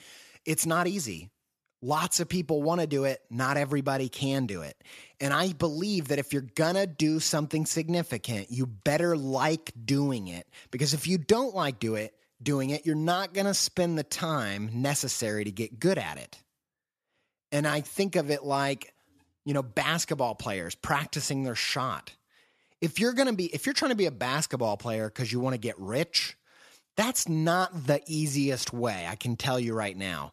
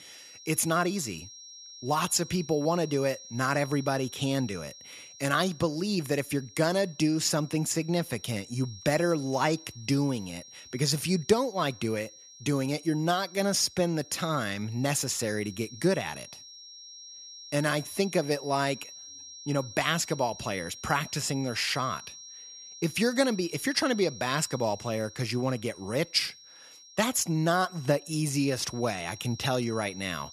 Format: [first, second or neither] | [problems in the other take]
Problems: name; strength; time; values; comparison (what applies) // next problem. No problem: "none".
first | high-pitched whine; noticeable; throughout; 5.5 kHz, 15 dB below the speech